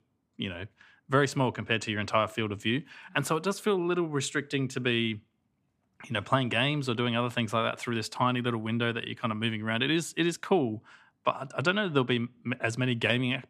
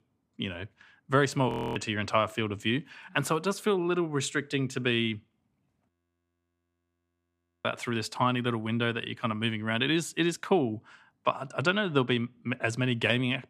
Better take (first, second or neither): first